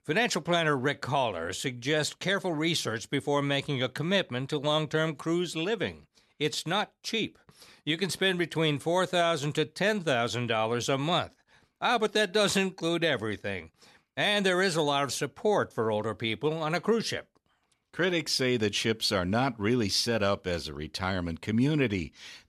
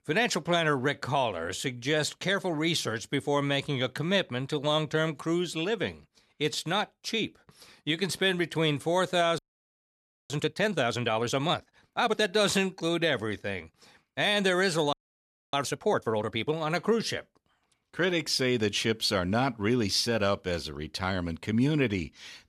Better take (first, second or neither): first